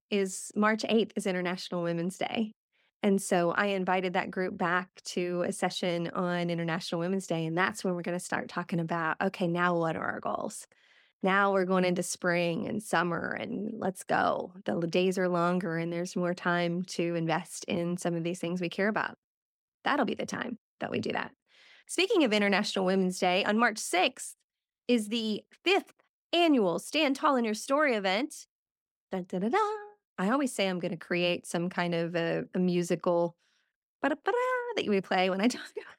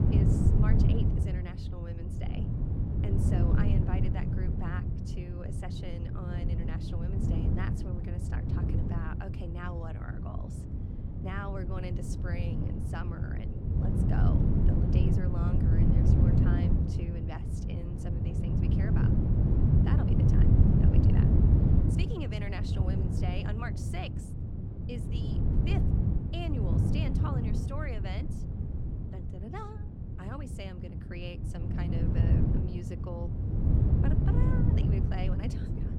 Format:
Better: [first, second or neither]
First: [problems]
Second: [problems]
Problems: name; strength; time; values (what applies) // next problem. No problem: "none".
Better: first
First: none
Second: wind noise on the microphone; heavy; 4 dB above the speech